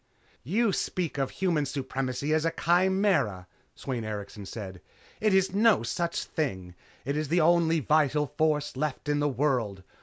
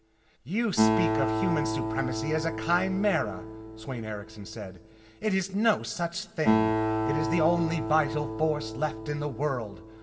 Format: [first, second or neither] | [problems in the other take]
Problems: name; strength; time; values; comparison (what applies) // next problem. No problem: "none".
first | background sound (Acoustic guitar); 1 dB below the speech // room echo; dies away in 1.6 s